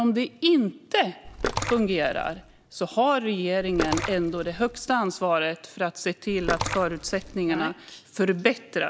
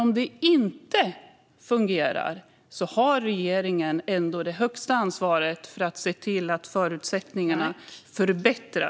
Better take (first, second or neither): second